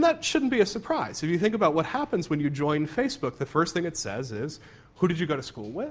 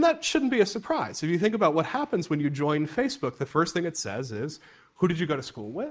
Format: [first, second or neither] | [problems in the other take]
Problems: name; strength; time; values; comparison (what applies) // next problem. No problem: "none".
first | noise reduction (neural mask model Resemble Enhance denoiser)